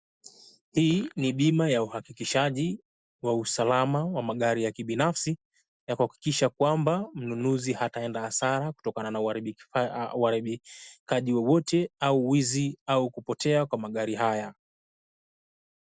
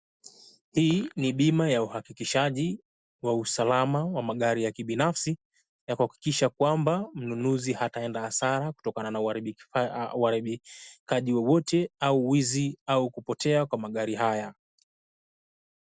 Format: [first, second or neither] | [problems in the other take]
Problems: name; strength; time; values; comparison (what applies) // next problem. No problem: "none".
second | noise reduction (neural mask model Resemble Enhance denoiser)